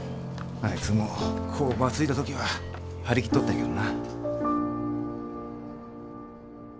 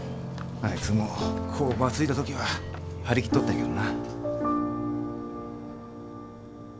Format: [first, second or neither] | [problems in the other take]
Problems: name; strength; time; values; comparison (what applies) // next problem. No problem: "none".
first | background sound (Bowed string instrument + Tools); 18 dB below the speech